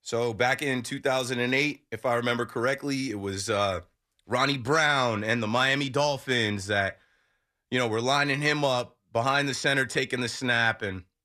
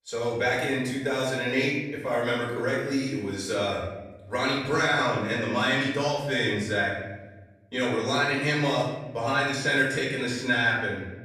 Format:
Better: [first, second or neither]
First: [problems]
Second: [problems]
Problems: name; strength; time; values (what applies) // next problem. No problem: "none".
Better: first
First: none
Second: off-mic speech; far // room echo; noticeable; dies away in 1 s